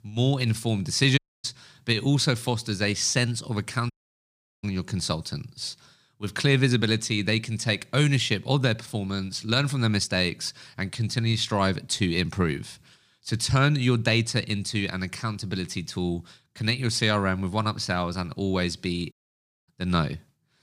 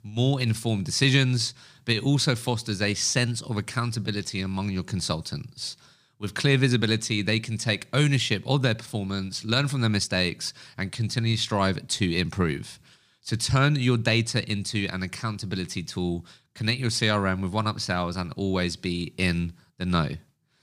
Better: second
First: audio cutting out; at 1 s, at 4 s for 0.5 s and at 19 s for 0.5 s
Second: none

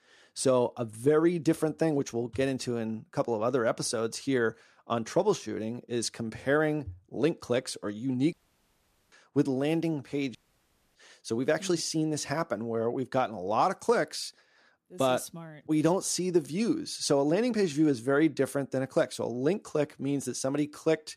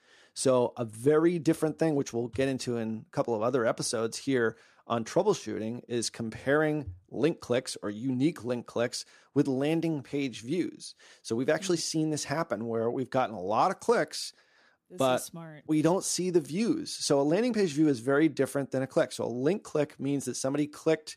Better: second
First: audio cutting out; at 8.5 s for 1 s and at 10 s for 0.5 s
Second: none

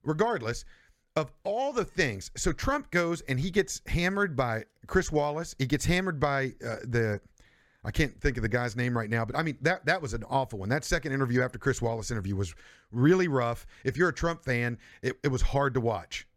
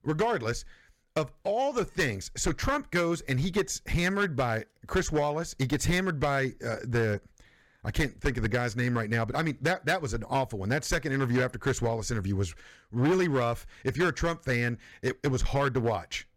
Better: first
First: none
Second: distortion; slight; 6% of the sound clipped

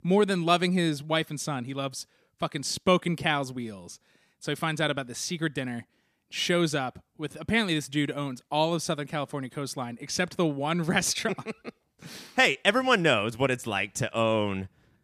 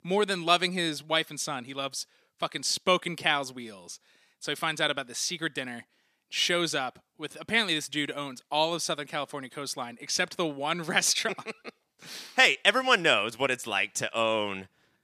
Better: first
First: none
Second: thin; very slightly; fading below 1 kHz

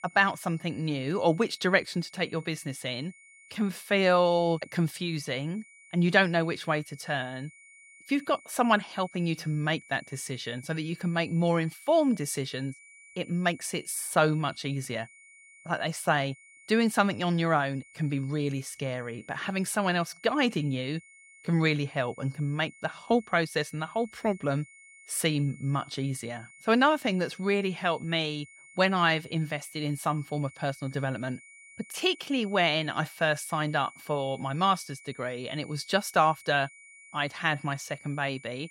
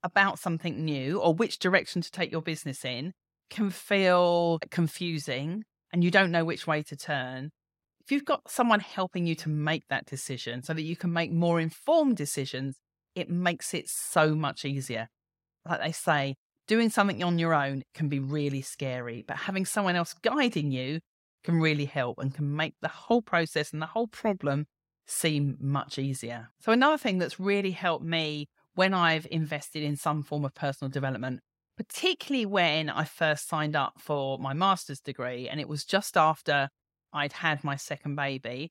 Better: second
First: high-pitched whine; faint; throughout; 2 kHz, 25 dB below the speech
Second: none

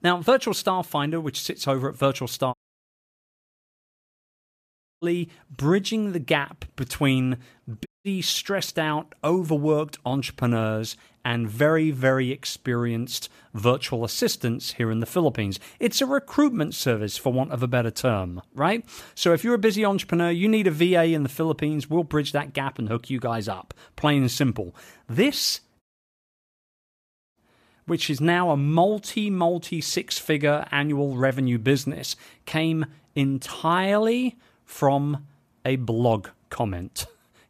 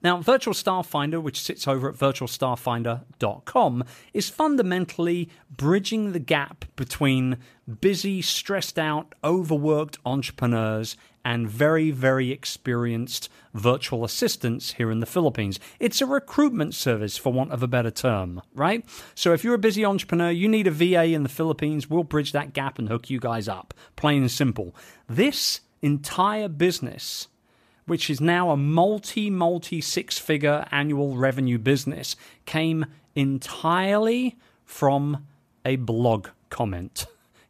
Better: second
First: audio cutting out; at 2.5 s for 2.5 s, at 8 s and at 26 s for 1.5 s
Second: none

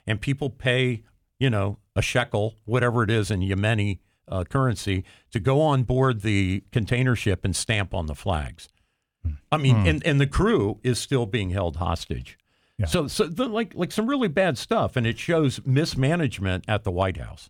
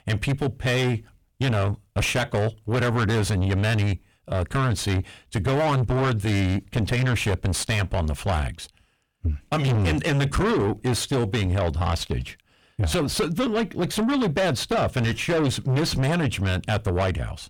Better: first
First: none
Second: distortion; heavy; 5 dB below the speech

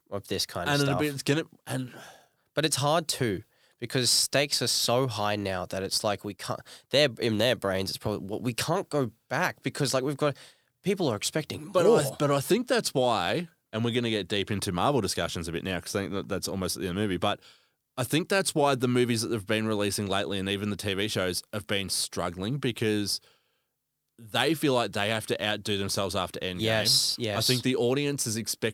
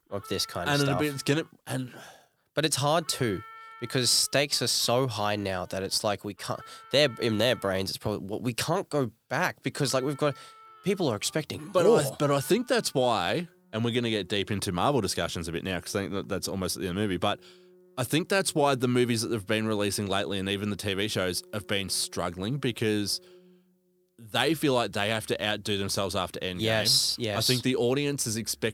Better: first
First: none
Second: background music; faint; throughout; 25 dB below the speech

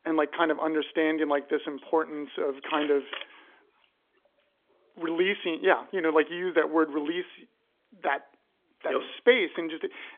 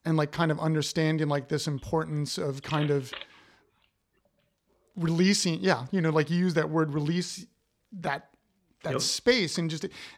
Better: second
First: phone-call audio; nothing above 3.5 kHz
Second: none

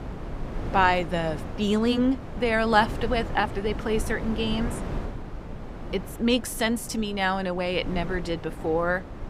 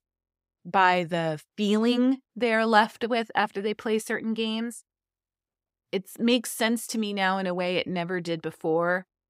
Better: second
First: wind noise on the microphone; occasional gusts; 15 dB below the speech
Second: none

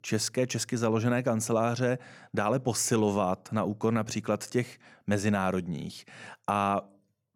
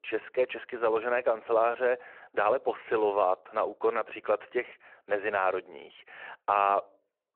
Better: first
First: none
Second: phone-call audio

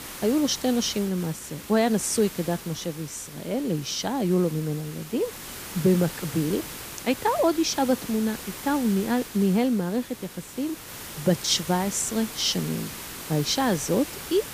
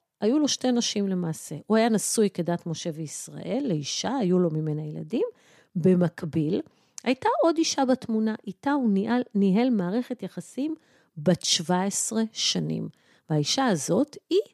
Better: second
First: hiss; noticeable; throughout; 10 dB below the speech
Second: none

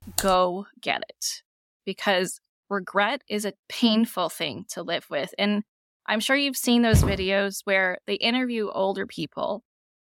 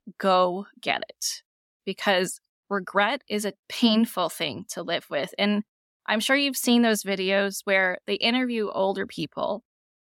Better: second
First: keyboard typing; noticeable; at the start; peak 5 dB below the speech // footsteps; loud; at 7 s; peak 2 dB above the speech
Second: none

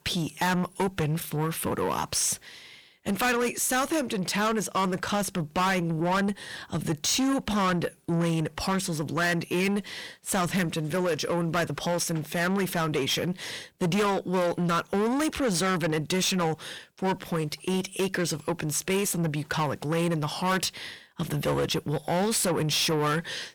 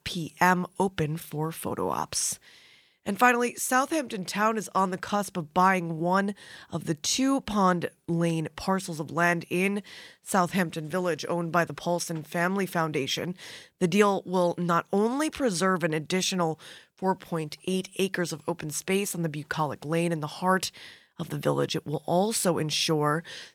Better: second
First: distortion; heavy; 6 dB below the speech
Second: none

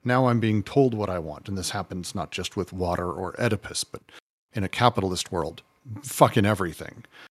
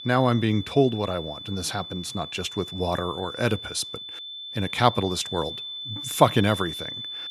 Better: first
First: none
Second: high-pitched whine; loud; throughout; 3.5 kHz, 9 dB below the speech

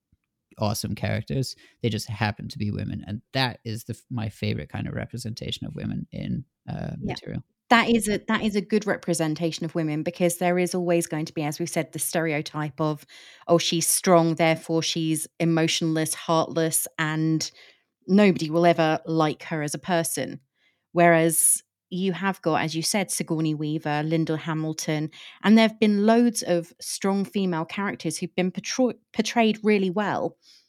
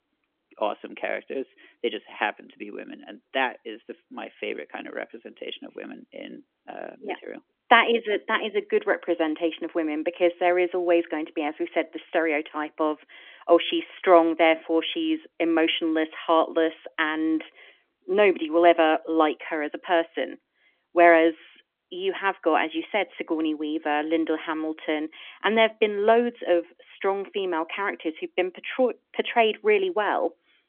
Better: first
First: none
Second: phone-call audio; nothing above 3.5 kHz

